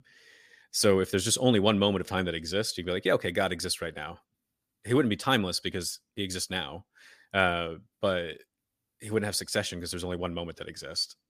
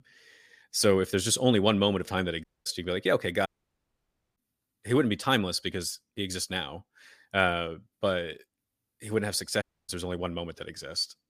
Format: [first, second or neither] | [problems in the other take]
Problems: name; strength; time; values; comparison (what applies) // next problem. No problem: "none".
first | audio cutting out; at 2.5 s, at 3.5 s for 1 s and at 9.5 s